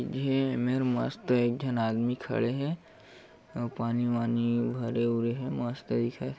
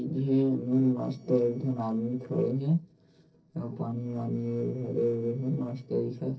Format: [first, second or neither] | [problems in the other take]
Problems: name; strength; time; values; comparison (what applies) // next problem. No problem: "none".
first | noise reduction (neural separator model SepFormer DNS4)